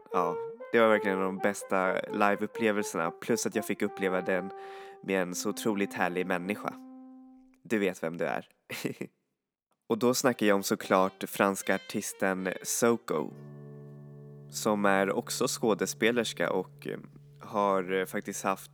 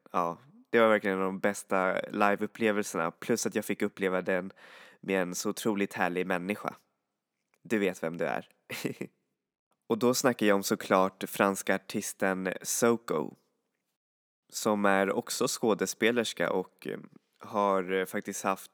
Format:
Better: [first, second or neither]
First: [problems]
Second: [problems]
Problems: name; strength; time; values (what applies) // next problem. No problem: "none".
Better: second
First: background music; noticeable; throughout; 15 dB below the speech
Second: none